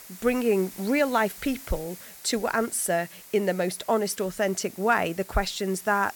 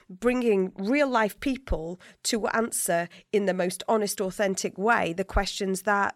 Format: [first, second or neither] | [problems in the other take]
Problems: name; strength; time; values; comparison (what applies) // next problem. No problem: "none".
second | hiss; noticeable; throughout; 15 dB below the speech